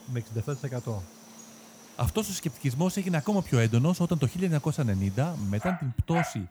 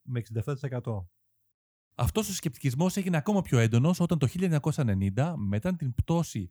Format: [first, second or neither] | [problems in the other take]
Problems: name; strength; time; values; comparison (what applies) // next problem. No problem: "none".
second | animal sounds; noticeable; throughout; 15 dB below the speech